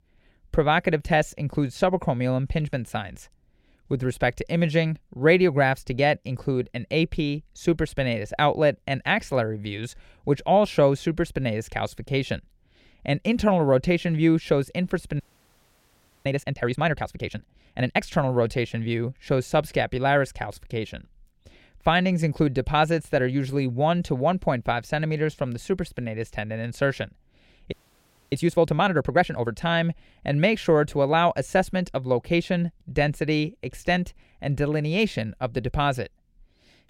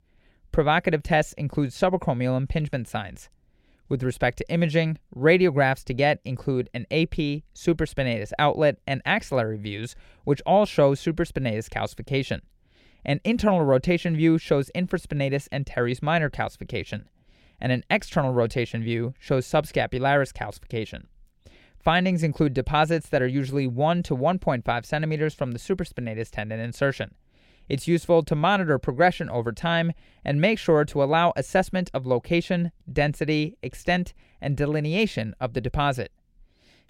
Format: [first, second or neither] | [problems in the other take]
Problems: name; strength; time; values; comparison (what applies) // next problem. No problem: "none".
second | audio freezing; at 15 s for 1 s and at 28 s for 0.5 s